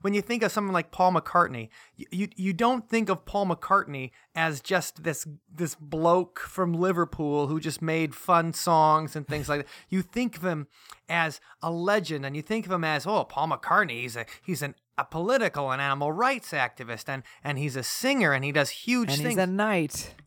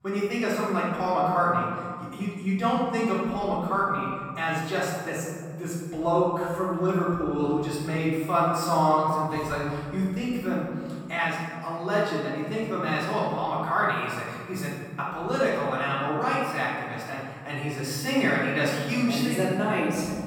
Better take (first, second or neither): first